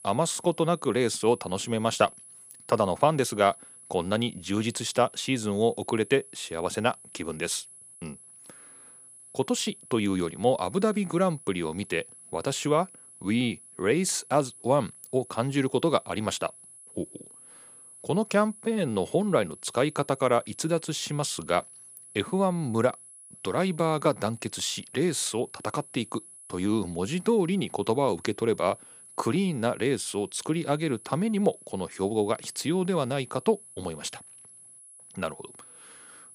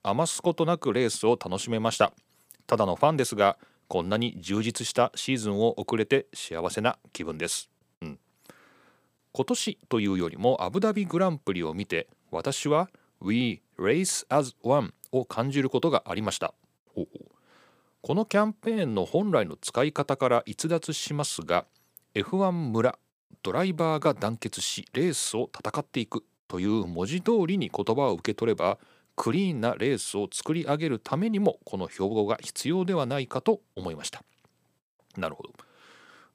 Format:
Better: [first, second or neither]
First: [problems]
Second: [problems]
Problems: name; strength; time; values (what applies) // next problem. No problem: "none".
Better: second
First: high-pitched whine; noticeable; throughout; 10.5 kHz, 20 dB below the speech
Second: none